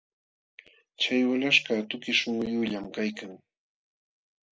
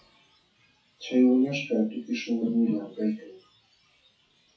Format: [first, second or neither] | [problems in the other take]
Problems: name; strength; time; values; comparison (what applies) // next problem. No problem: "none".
first | noise reduction (classical method WPE with log-MMSE)